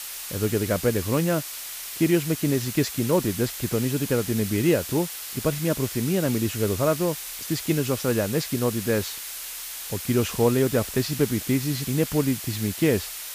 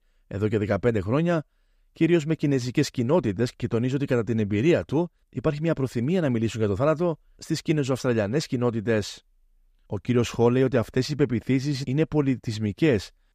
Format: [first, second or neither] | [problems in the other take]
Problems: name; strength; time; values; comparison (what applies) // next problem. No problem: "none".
second | hiss; loud; throughout; 7 dB below the speech